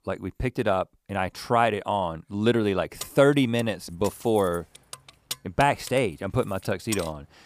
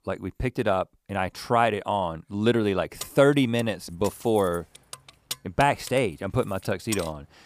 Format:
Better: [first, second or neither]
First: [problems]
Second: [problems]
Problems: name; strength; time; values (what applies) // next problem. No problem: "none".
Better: neither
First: jangling keys; noticeable; from 3 s on; peak 9 dB below the speech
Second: jangling keys; noticeable; from 3 s on; peak 9 dB below the speech